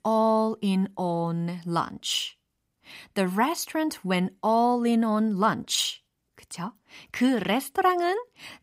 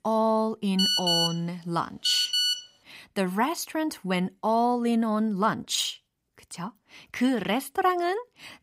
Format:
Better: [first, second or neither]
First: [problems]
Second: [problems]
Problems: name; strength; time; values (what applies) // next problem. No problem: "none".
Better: first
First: none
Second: phone ringing; loud; from 1 to 2.5 s; peak 5 dB above the speech